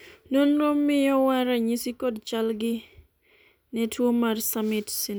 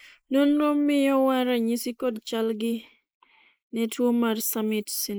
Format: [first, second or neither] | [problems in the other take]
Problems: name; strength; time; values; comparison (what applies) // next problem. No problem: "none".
first | noise reduction (neural mask model Resemble Enhance denoiser)